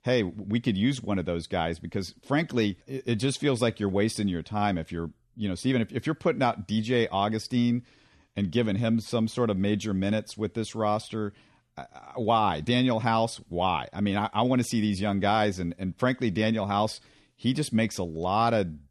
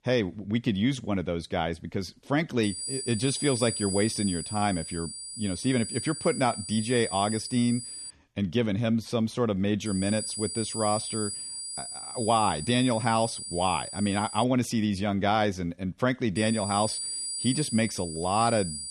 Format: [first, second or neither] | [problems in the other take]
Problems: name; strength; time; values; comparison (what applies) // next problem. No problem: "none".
first | high-pitched whine; loud; from 2.5 to 8 s, from 10 to 14 s and from 16 s on; 9.5 kHz, 6 dB below the speech